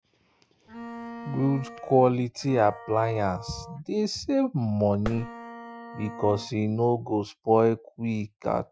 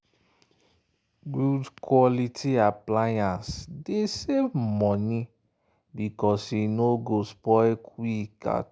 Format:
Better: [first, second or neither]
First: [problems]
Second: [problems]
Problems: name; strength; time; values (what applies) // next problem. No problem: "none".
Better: second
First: noise reduction (classical method Wiener filter)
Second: none